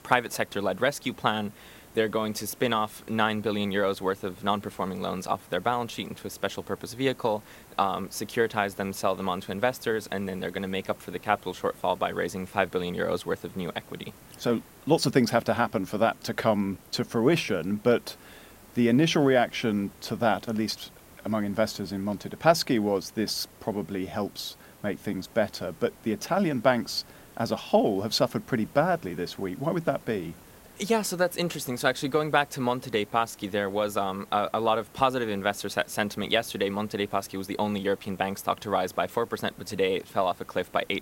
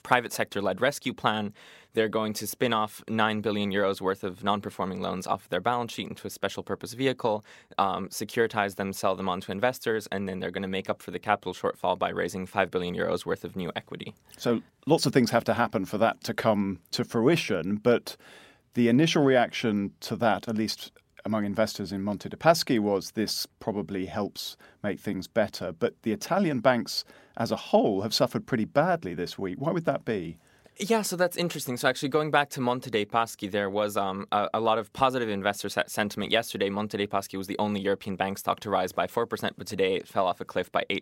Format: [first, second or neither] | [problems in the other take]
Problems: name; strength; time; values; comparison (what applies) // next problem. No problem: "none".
second | hiss; faint; throughout; 25 dB below the speech